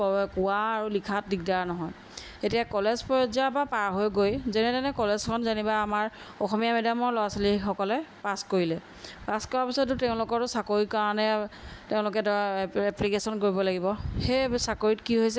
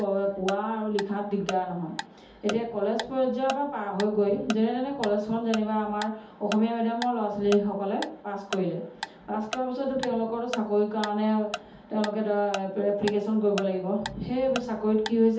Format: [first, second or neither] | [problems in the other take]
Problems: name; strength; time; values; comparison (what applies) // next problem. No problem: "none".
first | background sound (Tick-tock); 14 dB below the speech // room echo; dies away in 0.6 s